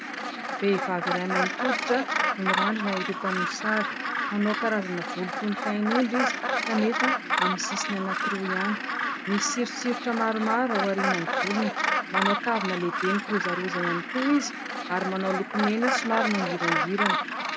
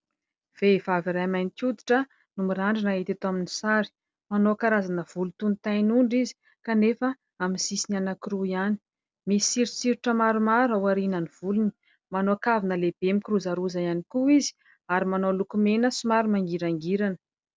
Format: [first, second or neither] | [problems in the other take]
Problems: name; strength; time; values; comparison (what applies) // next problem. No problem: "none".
second | background sound (Gull, seagull); as loud as the speech